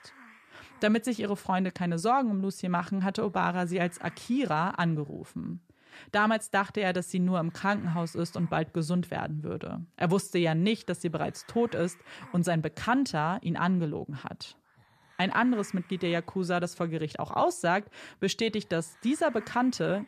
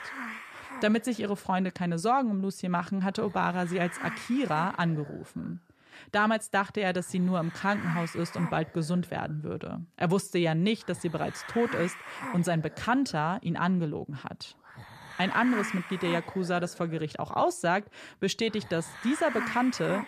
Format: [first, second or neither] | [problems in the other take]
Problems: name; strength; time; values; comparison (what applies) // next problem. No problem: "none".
first | hiss; loud; throughout; 10 dB below the speech; faint in the first